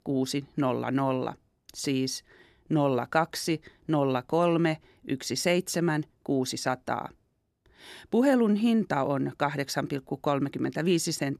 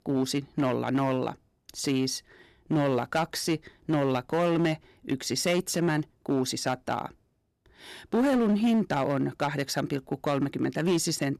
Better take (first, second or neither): first